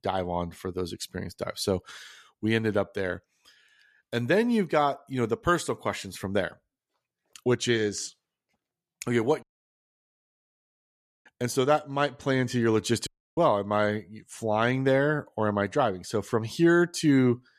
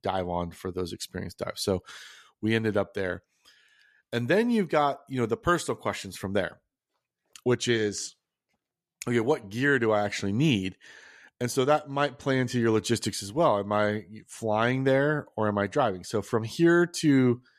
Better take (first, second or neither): second